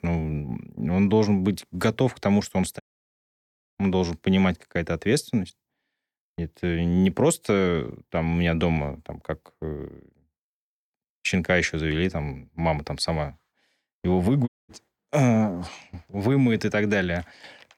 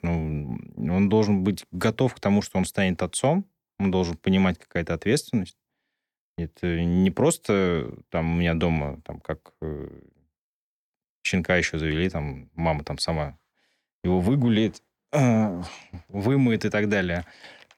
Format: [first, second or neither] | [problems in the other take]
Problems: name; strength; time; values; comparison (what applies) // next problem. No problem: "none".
second | audio cutting out; at 3 s for 1 s and at 14 s